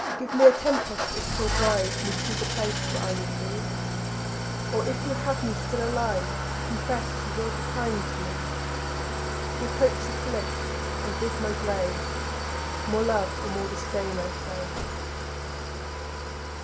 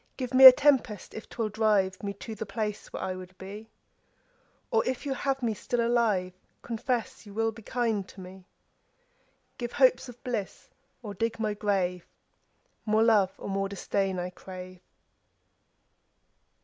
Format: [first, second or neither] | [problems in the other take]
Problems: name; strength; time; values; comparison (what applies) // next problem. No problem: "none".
second | background sound (Idling / Engine starting); as loud as the speech // room echo; dies away in 0.3 s